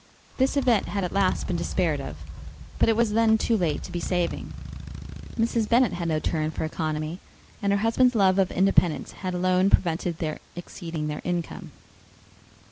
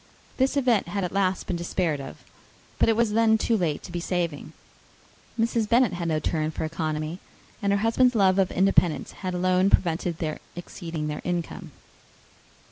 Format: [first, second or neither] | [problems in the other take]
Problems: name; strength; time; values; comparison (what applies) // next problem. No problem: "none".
second | background sound (Motorcycle); 12 dB below the speech